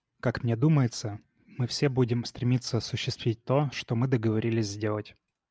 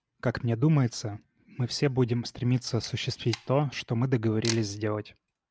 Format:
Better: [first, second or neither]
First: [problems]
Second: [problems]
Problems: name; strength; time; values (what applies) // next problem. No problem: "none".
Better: first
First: none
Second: background sound (Camera); 16 dB below the speech